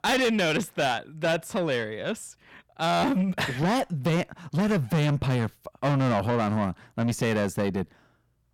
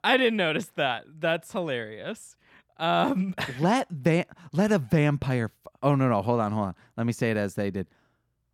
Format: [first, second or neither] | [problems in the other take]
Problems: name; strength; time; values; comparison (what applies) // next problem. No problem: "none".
second | distortion; heavy; 7 dB below the speech